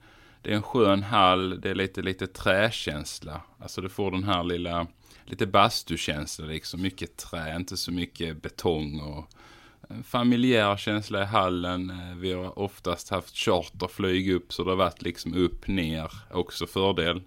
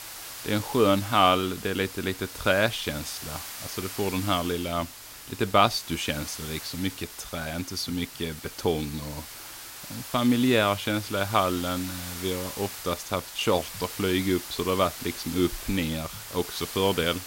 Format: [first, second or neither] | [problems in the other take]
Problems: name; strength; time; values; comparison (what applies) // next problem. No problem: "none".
first | hiss; noticeable; throughout; 10 dB below the speech